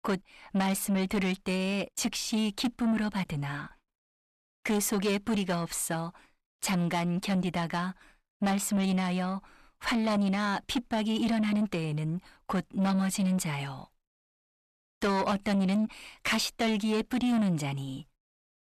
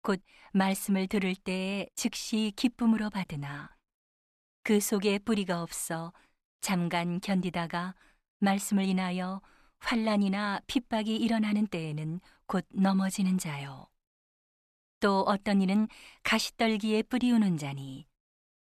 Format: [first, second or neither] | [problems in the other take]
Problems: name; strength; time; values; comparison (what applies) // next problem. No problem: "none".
second | distortion; slight; 10 dB below the speech